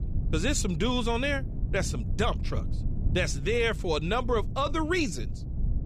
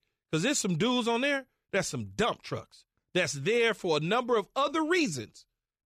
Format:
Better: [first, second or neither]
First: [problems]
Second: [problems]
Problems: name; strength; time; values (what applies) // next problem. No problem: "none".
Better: second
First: low rumble; noticeable; throughout; 20 dB below the speech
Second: none